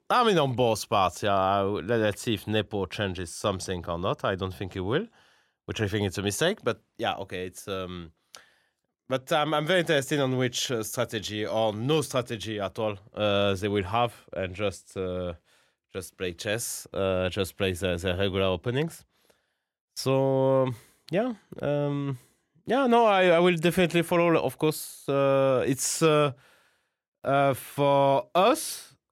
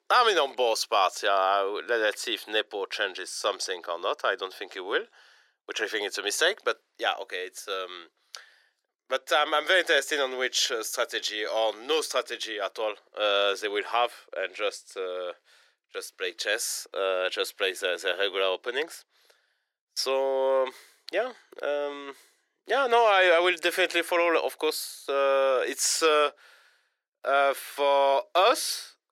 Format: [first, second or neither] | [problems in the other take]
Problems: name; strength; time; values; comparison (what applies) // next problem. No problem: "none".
first | thin; very; fading below 400 Hz